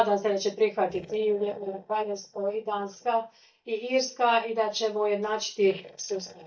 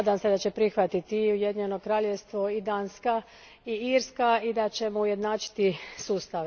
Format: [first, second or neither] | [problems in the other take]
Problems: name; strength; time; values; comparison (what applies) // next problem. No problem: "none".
second | noise reduction (neural mask model DeepFilterNet 3)